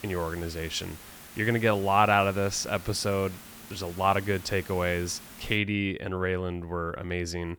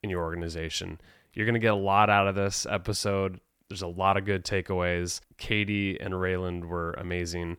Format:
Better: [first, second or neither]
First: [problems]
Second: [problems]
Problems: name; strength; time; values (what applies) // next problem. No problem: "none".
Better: second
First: hiss; noticeable; until 5.5 s; 15 dB below the speech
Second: none